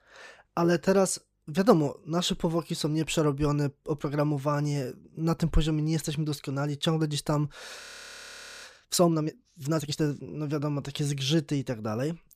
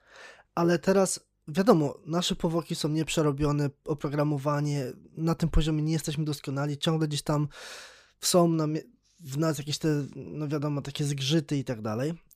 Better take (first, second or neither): second